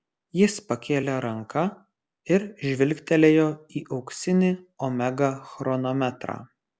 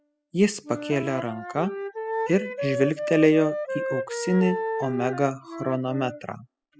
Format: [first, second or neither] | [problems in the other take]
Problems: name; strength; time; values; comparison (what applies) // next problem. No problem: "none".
first | noise reduction (classical method spectral subtraction)